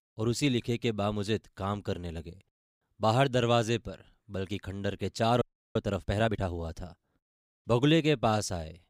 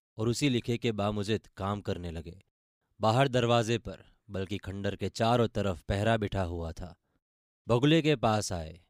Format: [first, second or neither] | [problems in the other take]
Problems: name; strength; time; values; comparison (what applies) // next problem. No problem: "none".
second | audio freezing; at 5.5 s